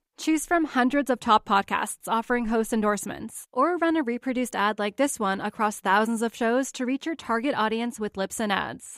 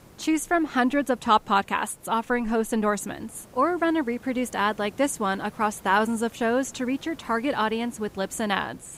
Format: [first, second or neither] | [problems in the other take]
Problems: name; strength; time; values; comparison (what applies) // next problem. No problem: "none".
first | hiss; faint; throughout; 25 dB below the speech